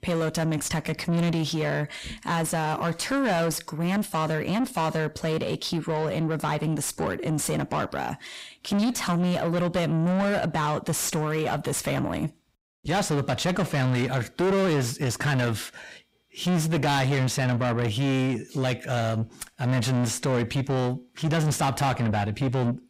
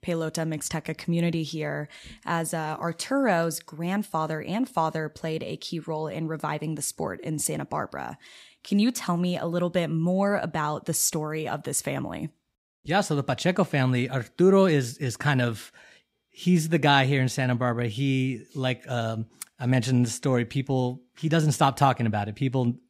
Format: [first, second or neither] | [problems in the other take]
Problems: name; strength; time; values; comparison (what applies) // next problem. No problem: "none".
second | distortion; heavy; 6 dB below the speech